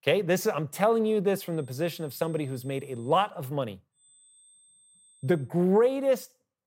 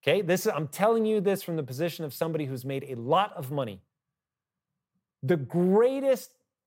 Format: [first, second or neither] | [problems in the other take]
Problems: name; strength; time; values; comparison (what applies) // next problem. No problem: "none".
second | high-pitched whine; faint; from 1.5 to 3 s and from 4 to 5.5 s; 8.5 kHz, 30 dB below the speech